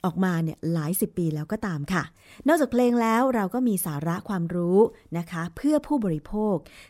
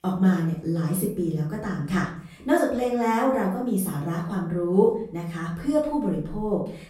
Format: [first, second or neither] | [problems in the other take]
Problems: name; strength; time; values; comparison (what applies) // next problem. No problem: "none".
first | off-mic speech; far // room echo; slight; dies away in 0.4 s